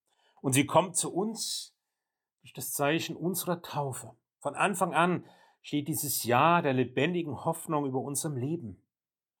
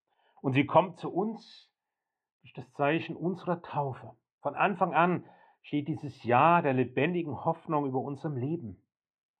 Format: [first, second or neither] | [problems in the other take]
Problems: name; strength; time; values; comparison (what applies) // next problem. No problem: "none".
first | muffled; very; fading above 2.5 kHz